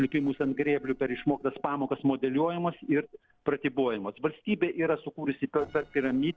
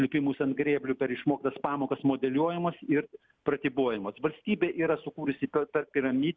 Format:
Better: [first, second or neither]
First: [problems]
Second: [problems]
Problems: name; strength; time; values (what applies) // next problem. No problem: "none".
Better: second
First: noise reduction (neural separator model SepFormer DNS4)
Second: none